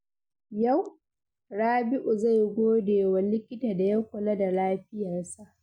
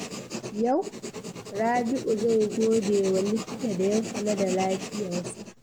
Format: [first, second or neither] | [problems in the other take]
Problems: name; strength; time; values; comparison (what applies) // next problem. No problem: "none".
first | background sound (Writing); 9 dB below the speech